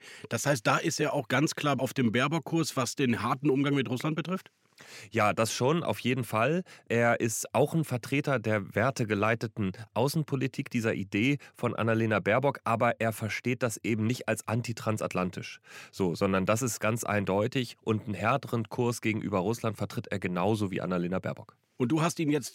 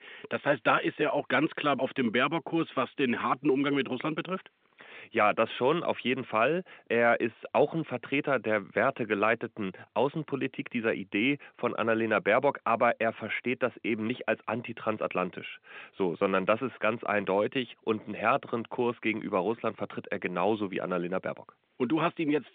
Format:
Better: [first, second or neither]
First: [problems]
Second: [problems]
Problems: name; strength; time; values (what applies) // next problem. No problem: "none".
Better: first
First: none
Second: phone-call audio